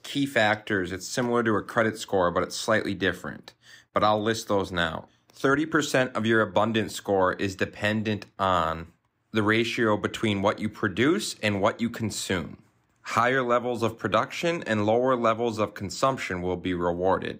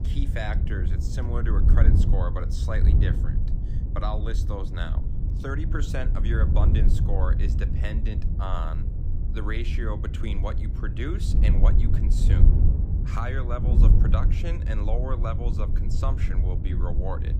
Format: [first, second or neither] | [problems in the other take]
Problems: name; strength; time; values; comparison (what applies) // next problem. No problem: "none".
first | wind noise on the microphone; heavy; 5 dB below the speech